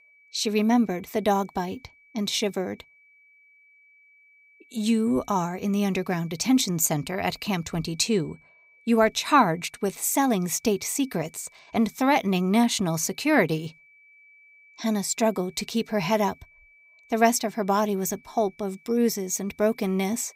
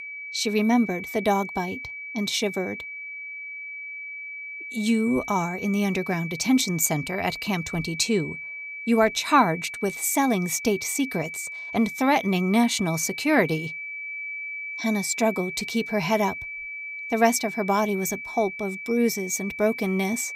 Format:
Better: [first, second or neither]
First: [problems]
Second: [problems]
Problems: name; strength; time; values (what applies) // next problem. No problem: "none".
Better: first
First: high-pitched whine; faint; throughout; 2.5 kHz, 30 dB below the speech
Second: high-pitched whine; loud; throughout; 2.5 kHz, 9 dB below the speech